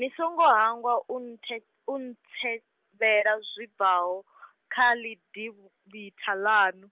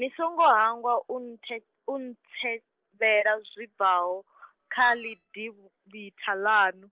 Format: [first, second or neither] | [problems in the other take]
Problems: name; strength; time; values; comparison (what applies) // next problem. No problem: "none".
first | noise reduction (neural separator model SepFormer DNS4)